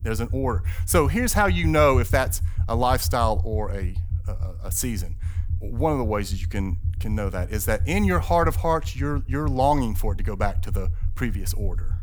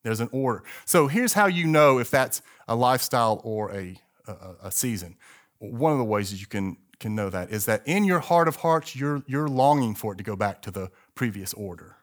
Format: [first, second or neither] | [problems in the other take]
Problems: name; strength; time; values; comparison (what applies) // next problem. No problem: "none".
second | low rumble; faint; throughout; 20 dB below the speech